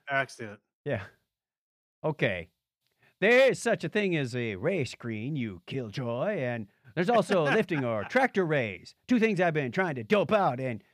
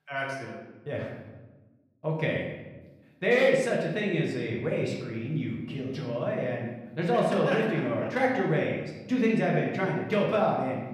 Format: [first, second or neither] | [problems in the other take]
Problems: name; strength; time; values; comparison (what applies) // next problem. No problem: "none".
first | room echo; noticeable; dies away in 1 s // off-mic speech; far